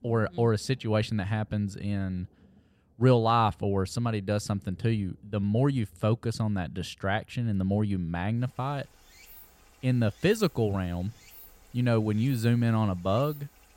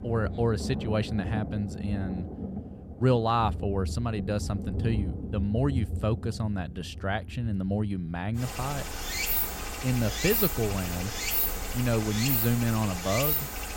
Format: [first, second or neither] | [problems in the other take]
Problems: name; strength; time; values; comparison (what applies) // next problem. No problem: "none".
first | rain or running water; loud; throughout; 2 dB below the speech; faint in the first